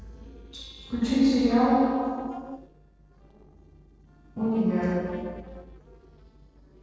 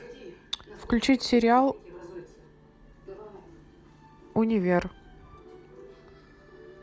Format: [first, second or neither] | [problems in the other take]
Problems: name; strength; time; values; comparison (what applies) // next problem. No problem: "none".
second | noise reduction (neural separator model SepFormer DNS4)